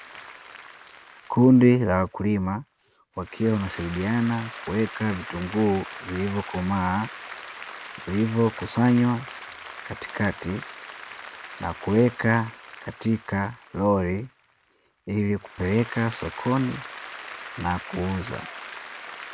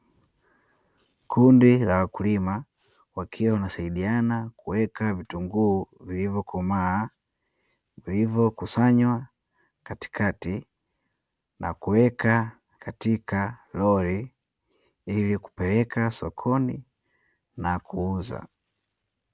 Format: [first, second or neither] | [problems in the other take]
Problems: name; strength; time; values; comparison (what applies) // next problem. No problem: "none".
second | background sound (Applause); 15 dB below the speech